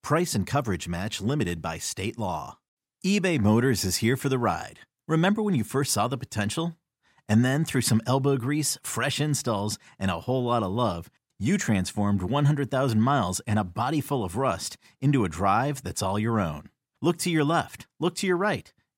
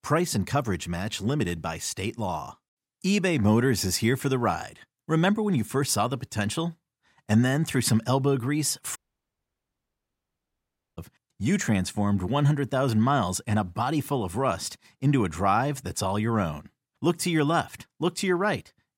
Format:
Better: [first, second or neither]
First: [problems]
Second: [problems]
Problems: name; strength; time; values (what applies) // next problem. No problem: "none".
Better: first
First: none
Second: audio cutting out; at 9 s for 2 s